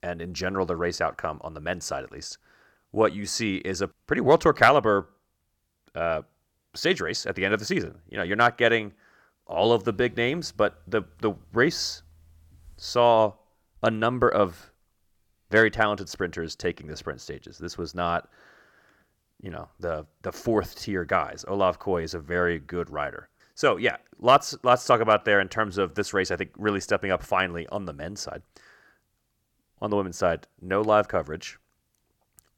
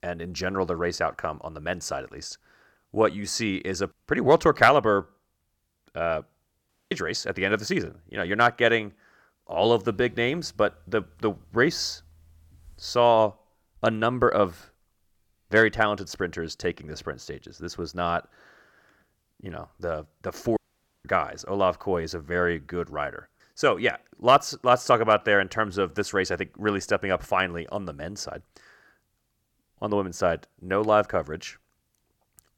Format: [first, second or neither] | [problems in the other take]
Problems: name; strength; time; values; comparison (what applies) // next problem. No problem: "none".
first | audio cutting out; at 6.5 s and at 21 s